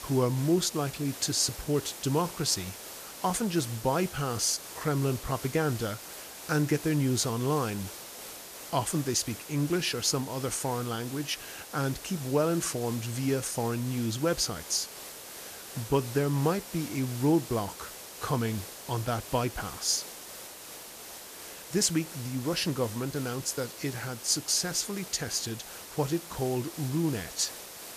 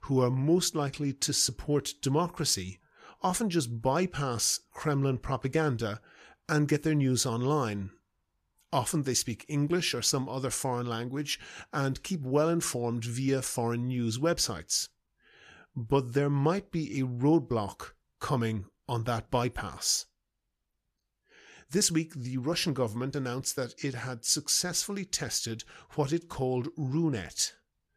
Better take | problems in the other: second | hiss; noticeable; throughout; 10 dB below the speech

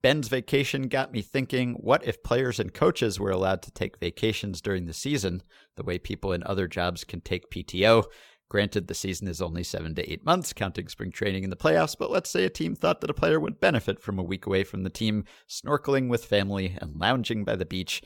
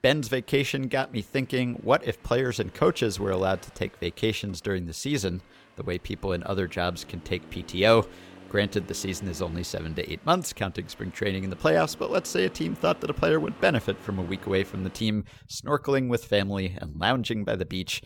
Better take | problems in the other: first | traffic noise; faint; throughout; 20 dB below the speech

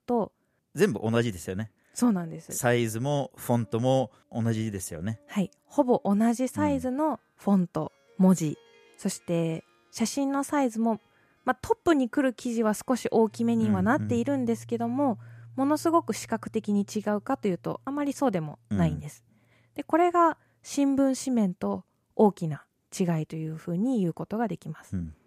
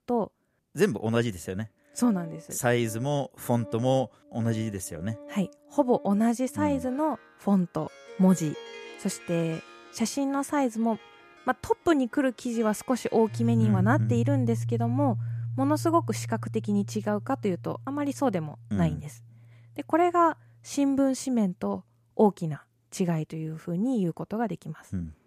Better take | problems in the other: first | background music; loud; throughout; 7 dB below the speech; faint in the first

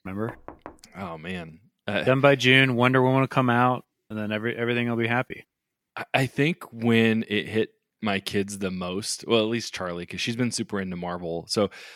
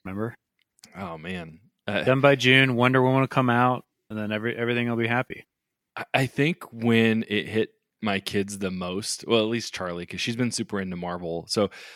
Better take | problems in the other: second | door banging; faint; at 0.5 s; peak 20 dB below the speech

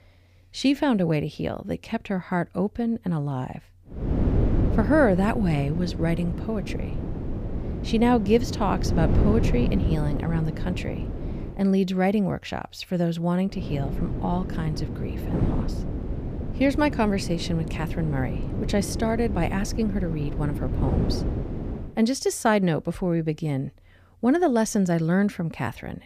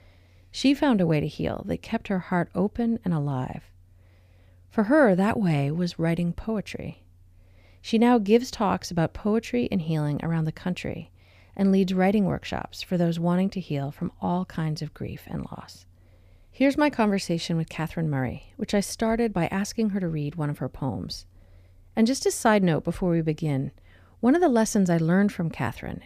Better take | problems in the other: second | wind noise on the microphone; heavy; from 4 to 12 s and from 14 to 22 s; 9 dB below the speech

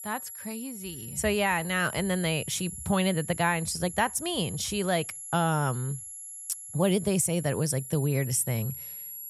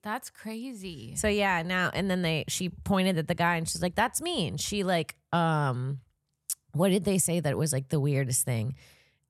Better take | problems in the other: second | high-pitched whine; loud; throughout; 11 kHz, 10 dB below the speech

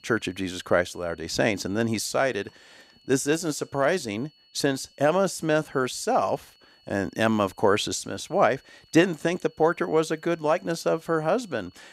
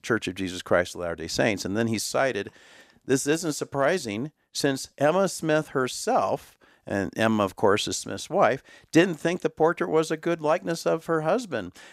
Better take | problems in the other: second | high-pitched whine; faint; throughout; 4.5 kHz, 30 dB below the speech

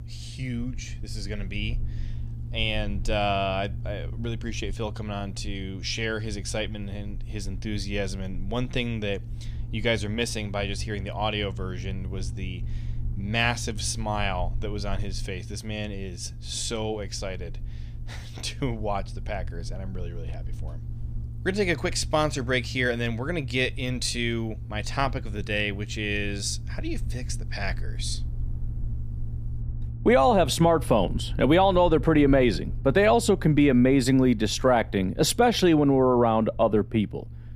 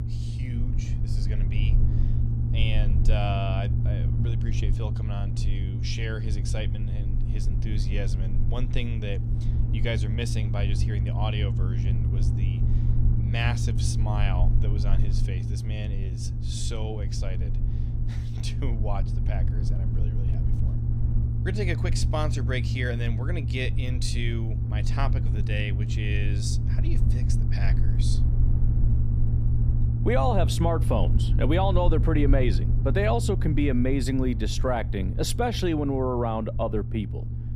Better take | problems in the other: first | low rumble; loud; throughout; 8 dB below the speech; faint in the first

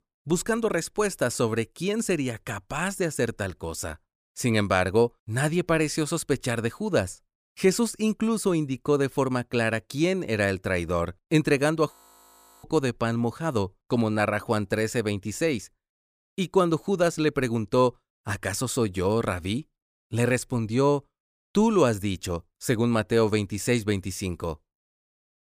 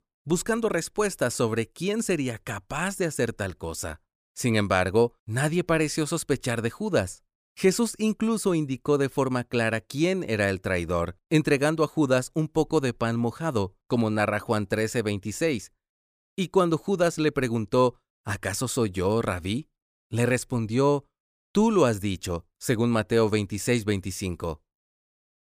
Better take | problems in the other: second | audio freezing; at 12 s for 0.5 s

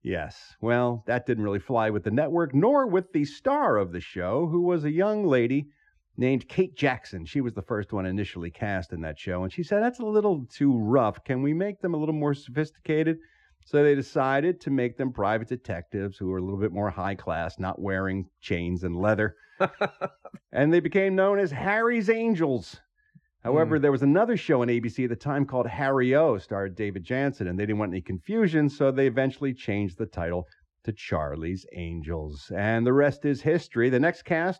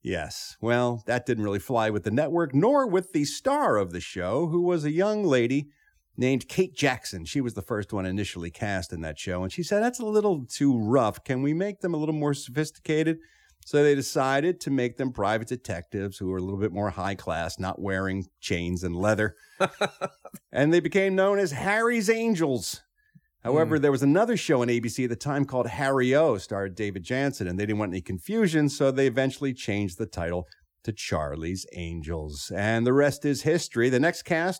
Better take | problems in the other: second | muffled; slightly; fading above 2.5 kHz

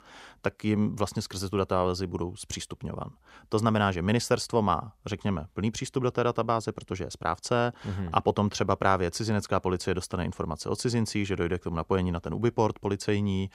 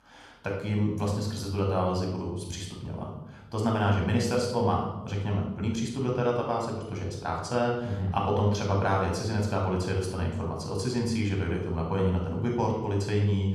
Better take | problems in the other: first | off-mic speech; somewhat distant // room echo; noticeable; dies away in 0.8 s

